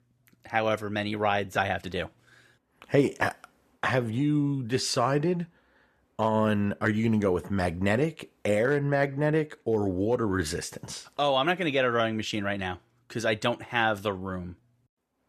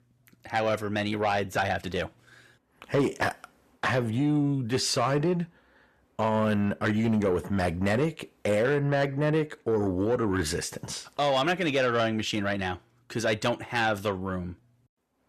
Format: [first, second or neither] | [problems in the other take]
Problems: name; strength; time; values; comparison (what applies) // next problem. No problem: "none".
first | distortion; slight; 10 dB below the speech